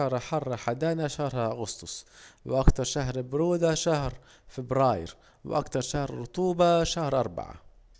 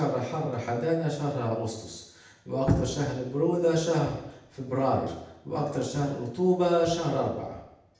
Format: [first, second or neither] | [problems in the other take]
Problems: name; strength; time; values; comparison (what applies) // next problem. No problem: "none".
first | room echo; dies away in 0.8 s